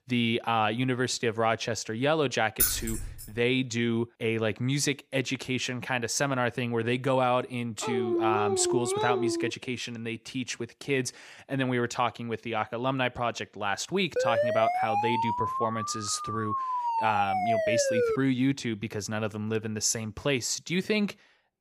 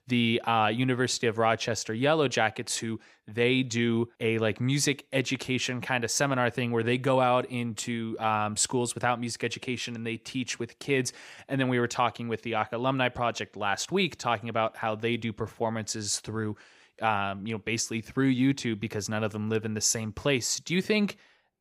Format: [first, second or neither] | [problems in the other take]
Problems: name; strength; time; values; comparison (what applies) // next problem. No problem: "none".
second | jangling keys; loud; at 2.5 s; peak 4 dB above the speech // dog barking; loud; from 8 to 9.5 s; peak 1 dB above the speech // siren; loud; from 14 to 18 s; peak 3 dB above the speech